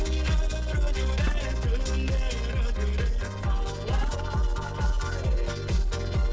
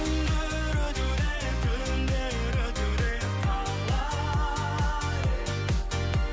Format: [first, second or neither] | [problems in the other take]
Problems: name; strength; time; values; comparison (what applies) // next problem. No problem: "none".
second | noise reduction (neural separator model SepFormer DNS4)